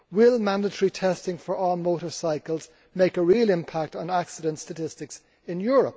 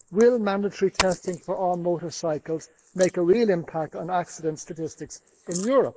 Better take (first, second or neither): first